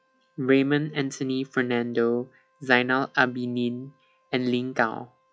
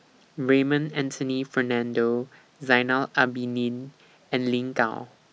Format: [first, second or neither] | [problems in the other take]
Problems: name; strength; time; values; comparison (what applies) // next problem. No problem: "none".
second | noise reduction (classical method log-MMSE)